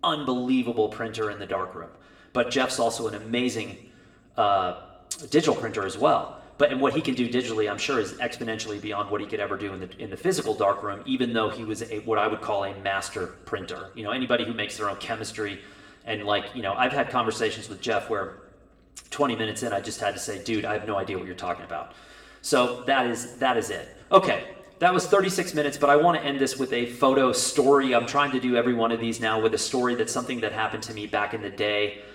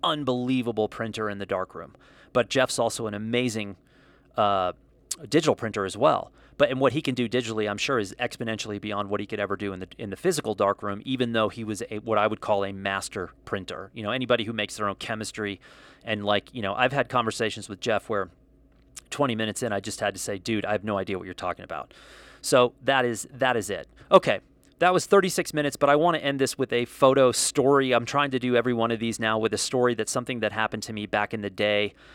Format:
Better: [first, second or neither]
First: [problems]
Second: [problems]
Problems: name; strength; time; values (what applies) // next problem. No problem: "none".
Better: second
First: room echo; slight; dies away in 0.7 s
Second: none